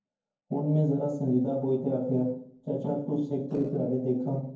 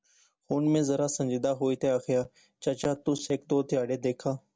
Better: second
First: noise reduction (neural separator model SepFormer DNS4)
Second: none

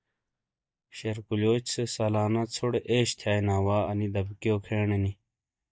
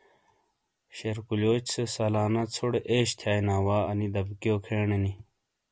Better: second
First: noise reduction (neural mask model DeepFilterNet 3)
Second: none

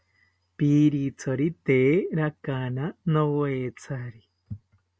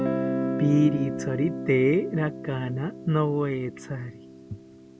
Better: first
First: none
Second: background sound (Guitar); 6 dB below the speech

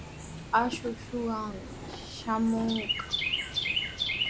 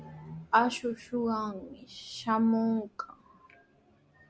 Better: second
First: background sound (Chirp, tweet); 2 dB below the speech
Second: none

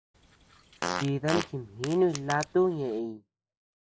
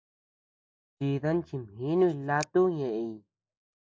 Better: second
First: background sound (Fart); 7 dB below the speech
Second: none

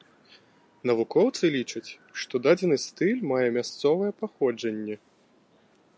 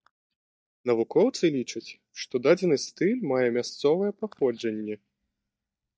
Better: first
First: none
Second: noise reduction (neural mask model DeepFilterNet 3)

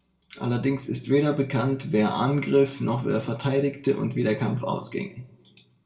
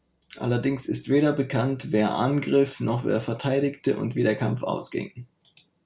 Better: second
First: room echo; dies away in 0.6 s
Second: none

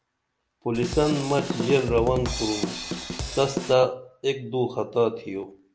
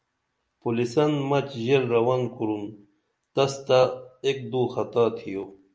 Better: second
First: background sound (Drum kit); 5 dB below the speech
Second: none

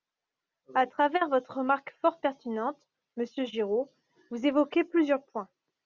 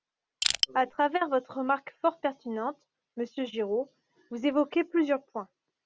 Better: first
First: none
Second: background sound (Crushing); 1 dB above the speech

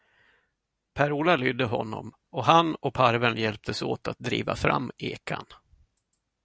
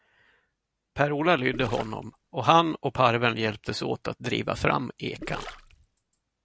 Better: first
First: none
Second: background sound (Gurgling); 15 dB below the speech

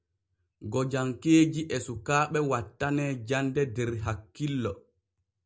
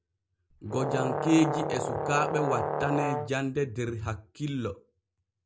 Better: first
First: none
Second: background sound (Brass instrument); 1 dB below the speech

